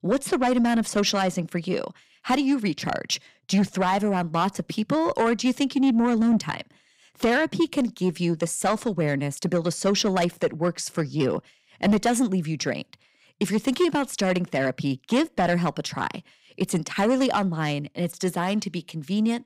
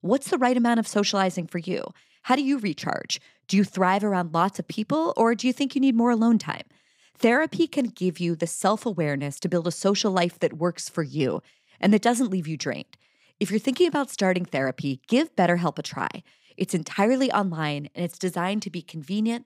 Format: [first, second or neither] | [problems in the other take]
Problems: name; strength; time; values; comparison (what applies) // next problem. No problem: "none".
second | distortion; slight; 10 dB below the speech